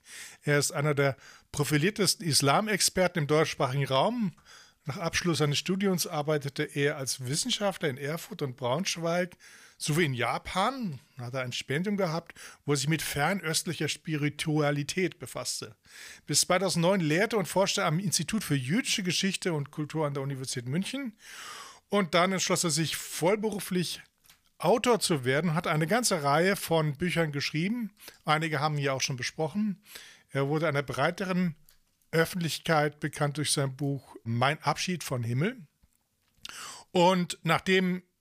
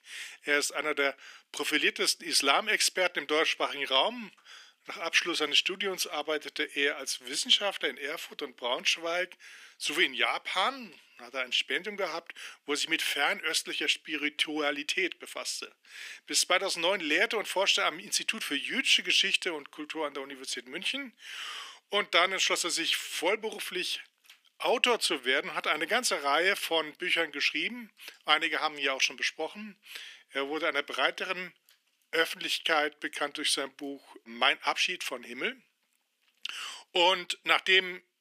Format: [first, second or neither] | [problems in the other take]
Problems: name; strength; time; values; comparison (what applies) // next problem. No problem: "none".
first | thin; somewhat; fading below 250 Hz